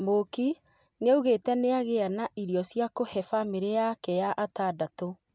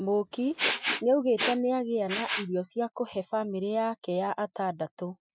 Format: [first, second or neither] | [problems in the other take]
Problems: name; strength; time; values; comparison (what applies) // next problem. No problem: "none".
first | noise reduction (classical method Wiener filter)